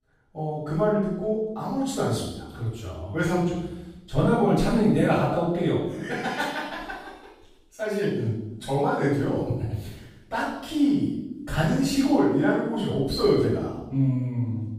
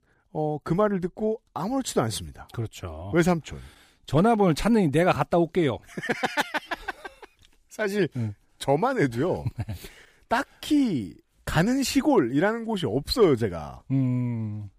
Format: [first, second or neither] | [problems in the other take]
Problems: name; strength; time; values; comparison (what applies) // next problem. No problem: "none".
second | off-mic speech; far // room echo; strong; dies away in 0.8 s